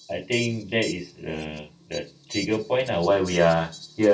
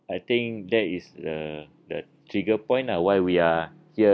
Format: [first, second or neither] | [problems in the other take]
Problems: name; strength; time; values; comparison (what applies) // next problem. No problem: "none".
second | background sound (Fowl); 18 dB below the speech // room echo; dies away in 0.2 s